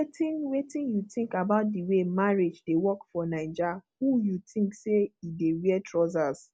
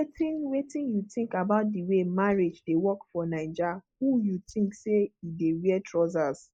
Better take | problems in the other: first | noise reduction (neural mask model Resemble Enhance denoiser)

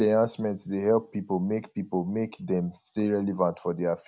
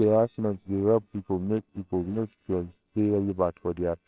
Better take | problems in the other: first | noise reduction (neural separator model SepFormer WHAMR!)

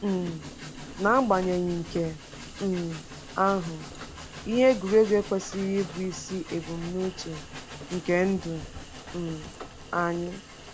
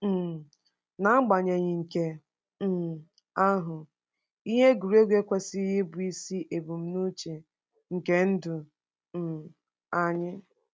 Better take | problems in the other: second | background sound (Train); 13 dB below the speech

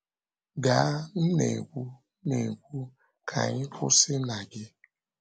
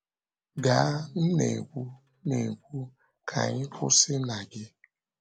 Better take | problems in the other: first | background sound (Acoustic guitar); 18 dB below the speech

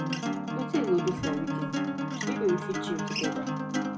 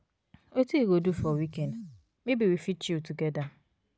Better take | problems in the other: second | background sound (Acoustic guitar); 2 dB above the speech // room echo; dies away in 0.2 s

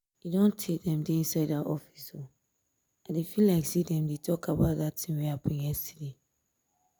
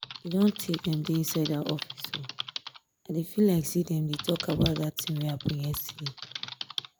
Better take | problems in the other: first | background sound (Typing); 11 dB below the speech

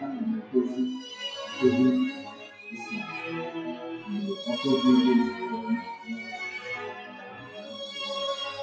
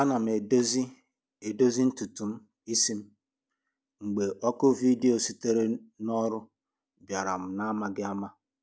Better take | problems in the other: second | noise reduction (classical method WPE with log-MMSE)

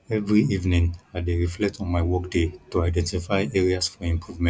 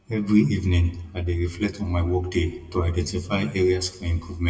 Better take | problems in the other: first | room echo; dies away in 0.5 s

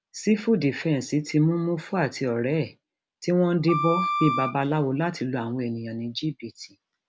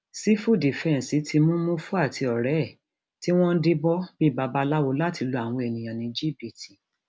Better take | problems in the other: second | background sound (Wind instrument, woodwind instrument); 3 dB below the speech

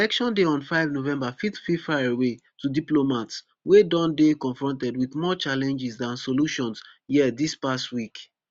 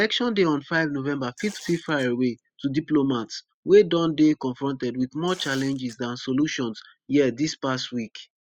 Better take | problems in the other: first | noise reduction (classical method spectral subtraction)

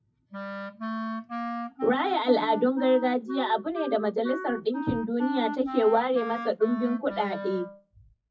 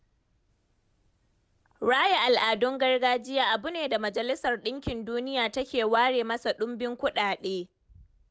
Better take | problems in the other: second | noise reduction (classical method WPE with log-MMSE)

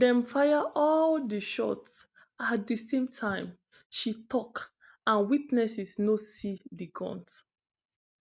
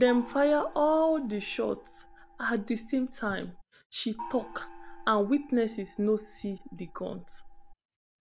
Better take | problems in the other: first | background sound (Gong); 16 dB below the speech

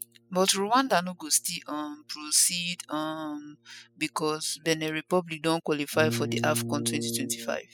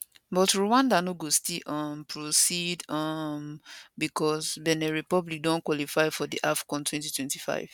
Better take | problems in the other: second | noise reduction (classical method spectral subtraction)

